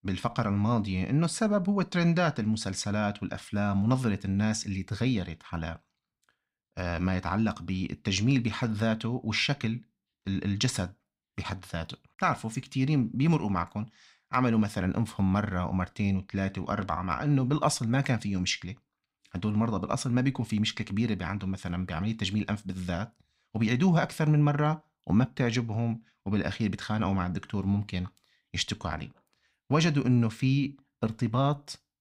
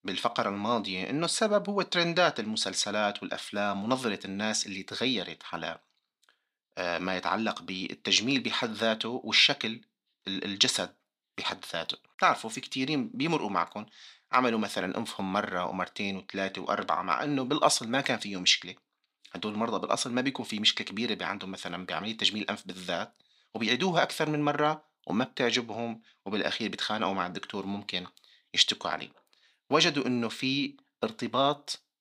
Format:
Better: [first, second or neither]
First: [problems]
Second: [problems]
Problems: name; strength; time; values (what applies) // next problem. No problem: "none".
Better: first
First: none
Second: thin; somewhat; fading below 400 Hz